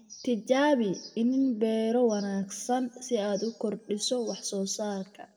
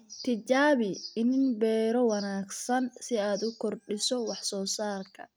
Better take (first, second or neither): second